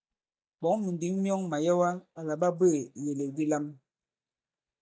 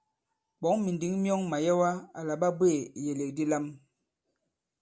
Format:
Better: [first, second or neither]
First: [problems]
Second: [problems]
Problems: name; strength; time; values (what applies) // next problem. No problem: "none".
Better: second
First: noise reduction (neural mask model DeepFilterNet 3)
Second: none